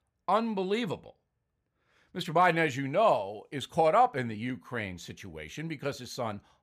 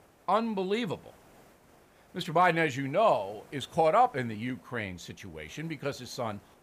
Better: first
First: none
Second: hiss; faint; throughout; 30 dB below the speech

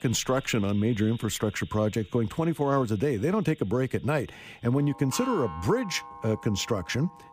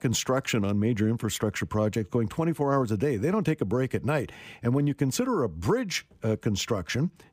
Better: second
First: household noises; noticeable; throughout; 15 dB below the speech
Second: none

